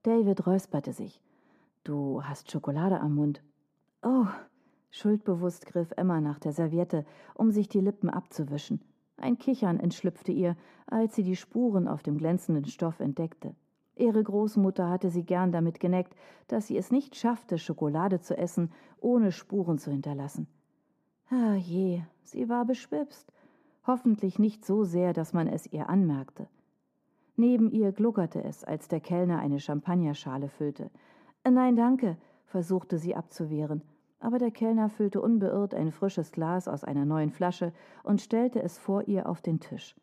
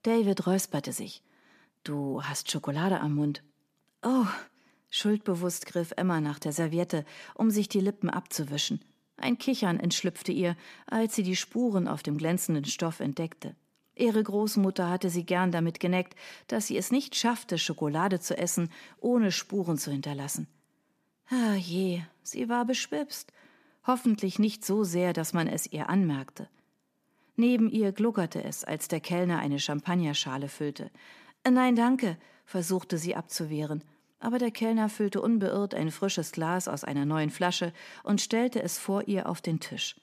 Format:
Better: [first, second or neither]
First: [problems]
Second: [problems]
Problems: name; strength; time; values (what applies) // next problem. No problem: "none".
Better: second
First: muffled; very; fading above 1.5 kHz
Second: none